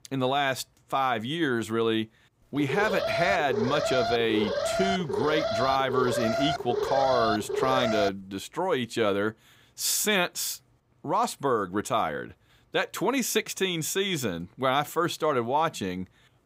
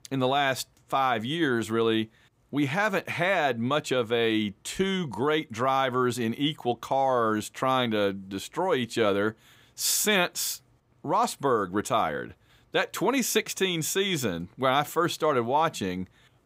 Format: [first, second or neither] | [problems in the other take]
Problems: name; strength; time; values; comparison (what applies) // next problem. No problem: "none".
second | alarm; noticeable; from 2.5 to 8 s; peak level with the speech